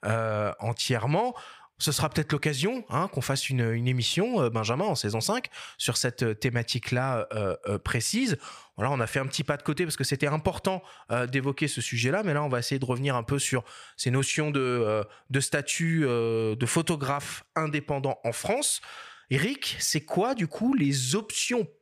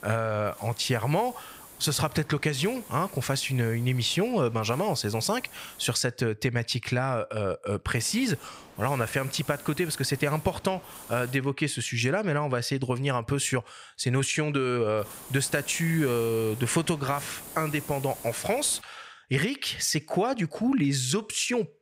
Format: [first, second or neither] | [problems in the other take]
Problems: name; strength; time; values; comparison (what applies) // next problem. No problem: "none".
first | hiss; noticeable; until 6 s, from 8 to 11 s and from 15 to 19 s; 15 dB below the speech